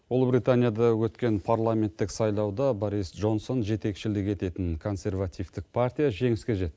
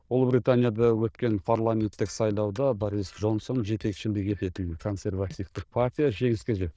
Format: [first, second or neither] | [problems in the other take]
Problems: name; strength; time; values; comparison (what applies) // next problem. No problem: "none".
first | noise reduction (neural diffusion model UNIVERSE++)